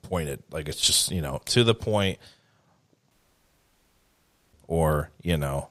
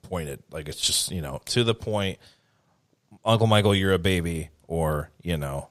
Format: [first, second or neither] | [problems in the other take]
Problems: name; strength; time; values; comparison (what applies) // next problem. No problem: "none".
second | audio cutting out; at 3 s for 1.5 s